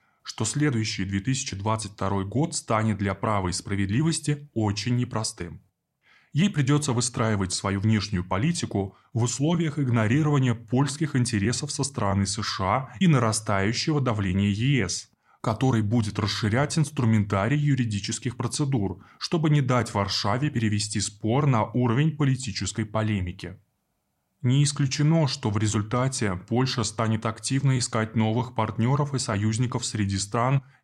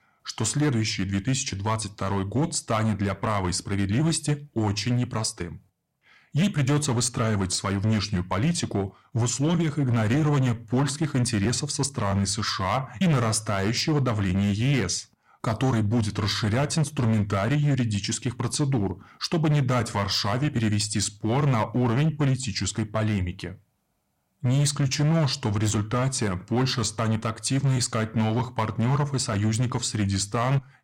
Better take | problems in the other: first | distortion; slight; 9% of the sound clipped

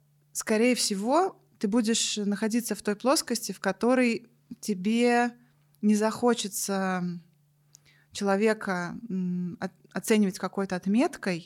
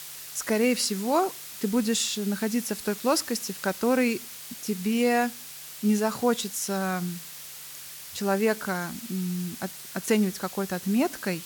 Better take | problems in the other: first | hiss; noticeable; throughout; 10 dB below the speech

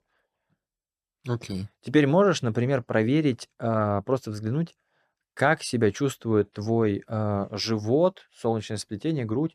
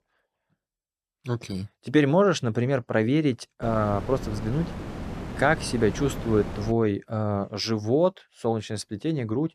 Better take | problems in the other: first | wind noise on the microphone; occasional gusts; from 3.5 to 6.5 s; 10 dB below the speech

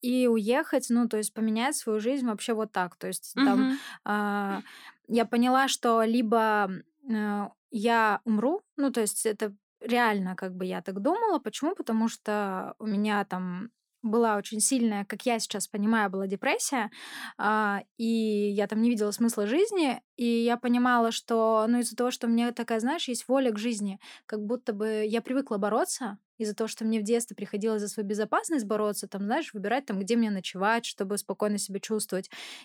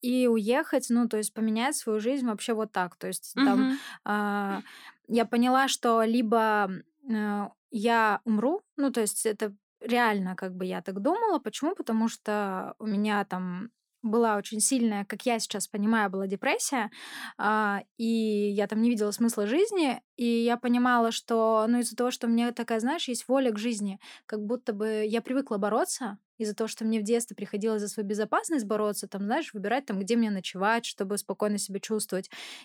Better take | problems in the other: neither | none

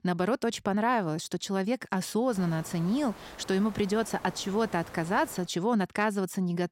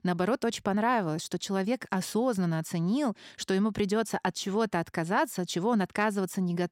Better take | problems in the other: second | hiss; noticeable; from 2.5 to 5.5 s; 20 dB below the speech

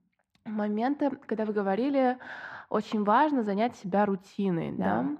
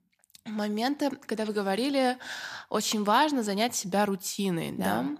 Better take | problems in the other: second | muffled; very; fading above 4 kHz

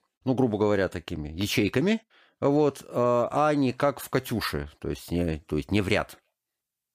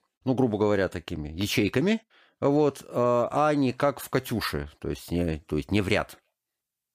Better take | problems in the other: neither | none

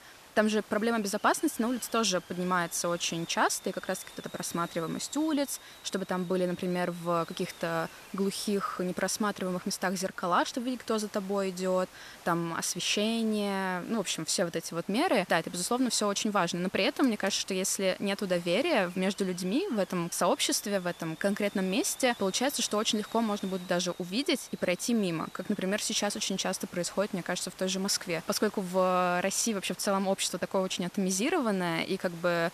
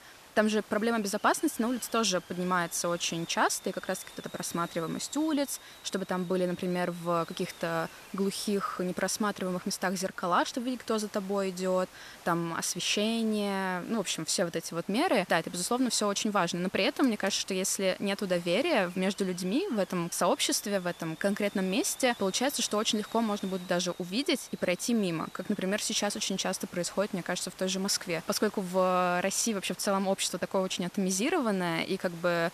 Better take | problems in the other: neither | hiss; noticeable; throughout; 20 dB below the speech; the same in both

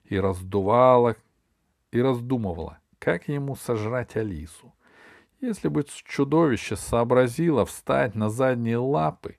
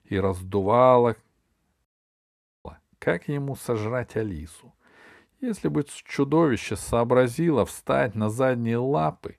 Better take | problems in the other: first | audio cutting out; at 2 s for 1 s

